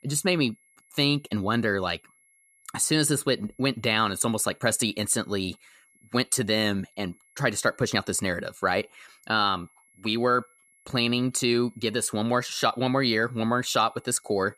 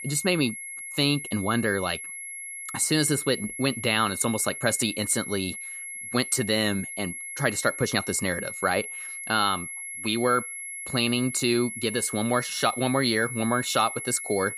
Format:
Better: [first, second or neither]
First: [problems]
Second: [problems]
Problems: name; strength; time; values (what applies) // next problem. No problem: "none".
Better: first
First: high-pitched whine; faint; throughout; 2 kHz, 35 dB below the speech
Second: high-pitched whine; loud; throughout; 2 kHz, 8 dB below the speech